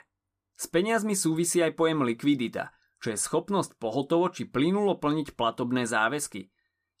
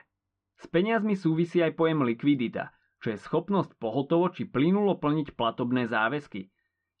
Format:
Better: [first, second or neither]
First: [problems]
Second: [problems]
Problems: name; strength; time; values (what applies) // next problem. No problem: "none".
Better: first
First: none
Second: muffled; very; fading above 3 kHz